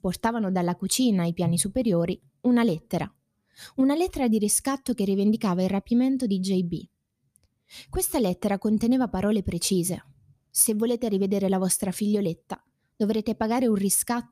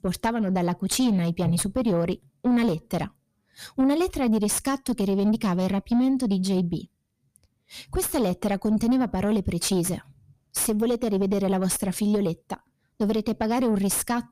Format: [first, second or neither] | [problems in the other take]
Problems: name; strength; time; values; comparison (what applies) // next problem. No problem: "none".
first | distortion; slight; 10 dB below the speech